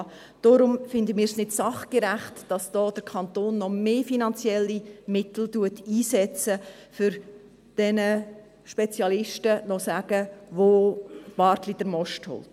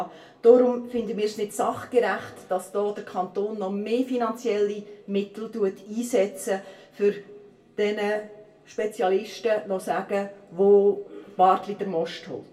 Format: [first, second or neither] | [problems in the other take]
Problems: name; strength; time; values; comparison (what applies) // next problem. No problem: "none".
first | room echo; dies away in 0.3 s